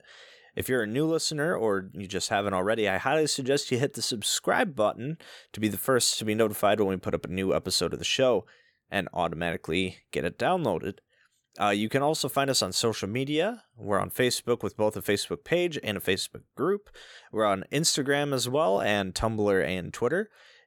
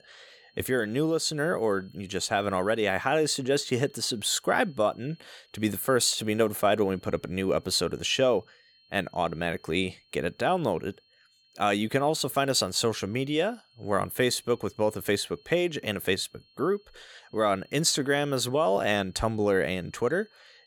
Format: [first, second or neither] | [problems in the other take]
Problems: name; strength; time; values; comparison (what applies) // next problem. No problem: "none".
first | high-pitched whine; faint; throughout; 4 kHz, 30 dB below the speech